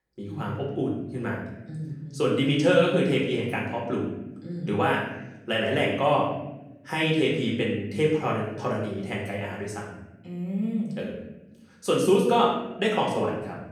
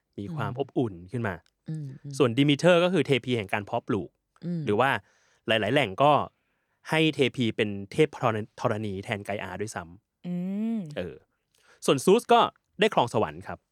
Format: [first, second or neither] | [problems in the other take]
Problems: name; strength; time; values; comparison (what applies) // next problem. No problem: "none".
second | room echo; noticeable; dies away in 0.9 s // off-mic speech; far